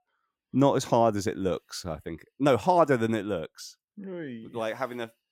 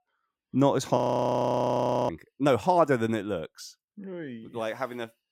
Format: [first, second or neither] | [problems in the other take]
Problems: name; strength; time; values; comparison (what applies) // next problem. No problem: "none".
first | audio freezing; at 1 s for 1 s